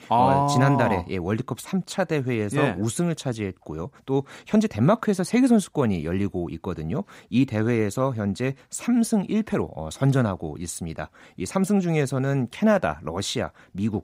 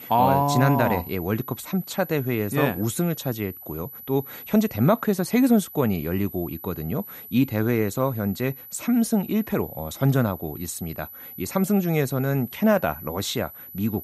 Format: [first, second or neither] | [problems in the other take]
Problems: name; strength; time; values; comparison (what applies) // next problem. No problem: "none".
first | high-pitched whine; noticeable; throughout; 12 kHz, 15 dB below the speech